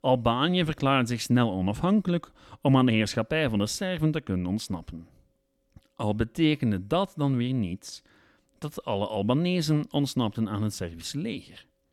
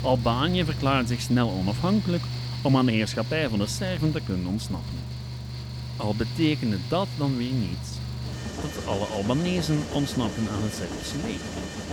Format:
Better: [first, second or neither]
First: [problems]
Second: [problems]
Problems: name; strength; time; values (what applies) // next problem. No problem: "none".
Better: first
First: none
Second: machinery noise; loud; throughout; 6 dB below the speech